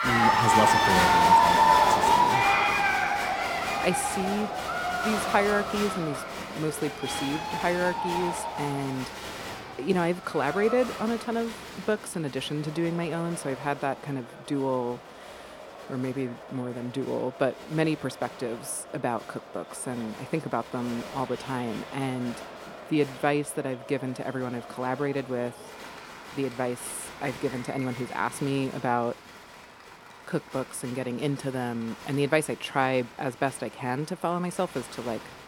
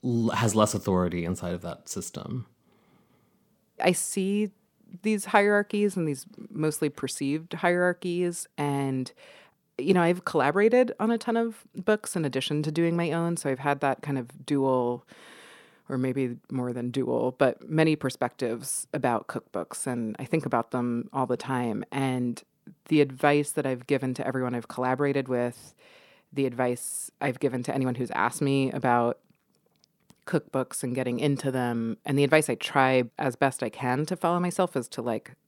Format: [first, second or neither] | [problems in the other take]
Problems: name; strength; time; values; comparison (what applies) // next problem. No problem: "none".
second | crowd noise; very loud; throughout; 5 dB above the speech